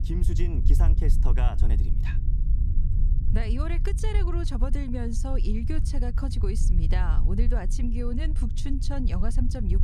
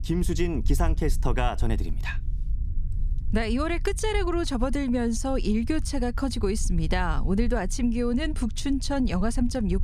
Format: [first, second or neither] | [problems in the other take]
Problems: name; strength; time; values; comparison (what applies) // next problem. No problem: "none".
second | low rumble; loud; throughout; 8 dB below the speech; faint in the second